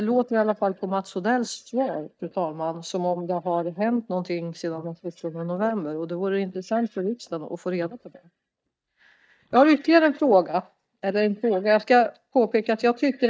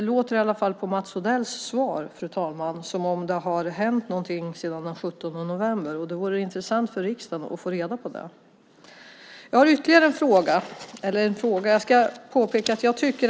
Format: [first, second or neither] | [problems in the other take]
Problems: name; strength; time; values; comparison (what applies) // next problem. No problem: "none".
second | noise reduction (neural mask model DeepFilterNet 3)